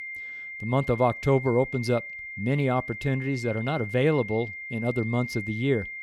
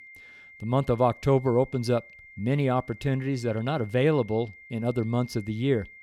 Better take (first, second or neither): second